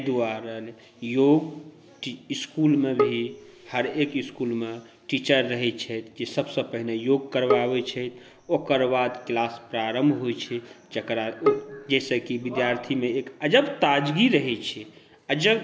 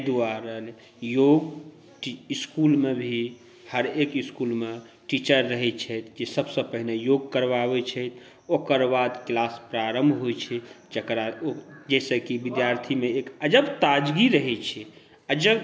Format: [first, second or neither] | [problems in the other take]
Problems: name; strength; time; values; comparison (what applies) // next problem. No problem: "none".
second | background sound (Bowed string instrument); 5 dB below the speech